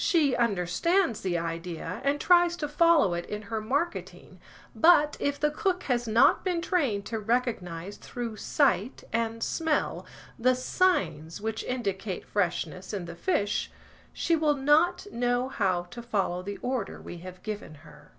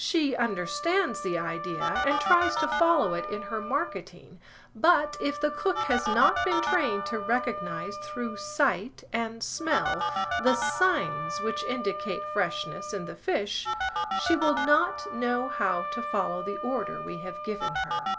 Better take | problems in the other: first | background sound (Telephone + Wind instrument, woodwind instrument); 3 dB below the speech

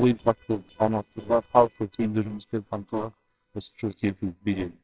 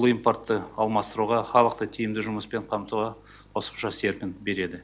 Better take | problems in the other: second | noise reduction (neural separator model SepFormer WHAMR!)

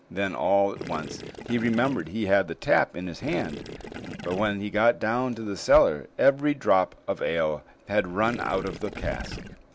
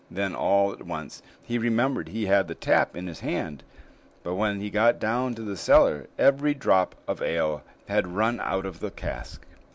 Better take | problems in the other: second | background sound (Gurgling / Liquid); 13 dB below the speech

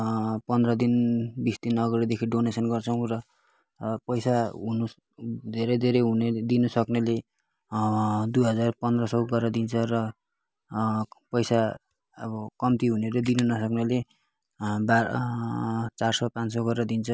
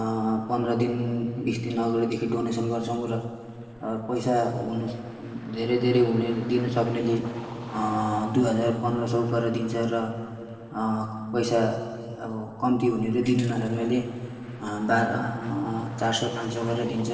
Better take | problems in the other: first | noise reduction (neural separator model SepFormer DNS4)

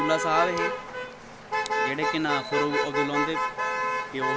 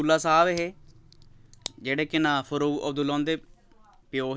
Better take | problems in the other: second | background sound (Motor vehicle (road)); 2 dB above the speech

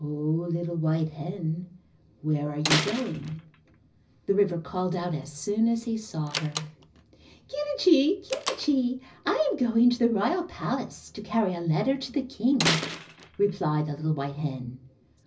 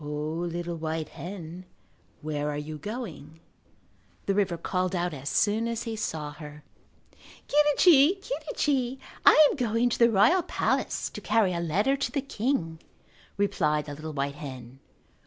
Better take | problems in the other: second | background sound (Slam); 10 dB below the speech // room echo; dies away in 0.4 s

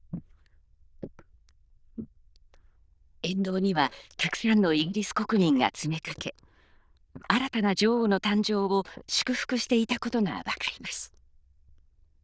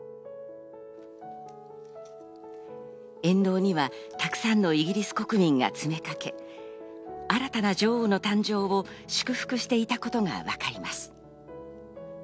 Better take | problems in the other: second | noise reduction (neural diffusion model UNIVERSE++)

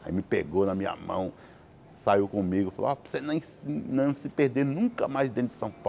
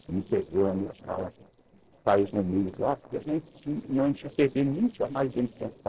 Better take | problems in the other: first | noise reduction (neural separator model SepFormer DNS4)

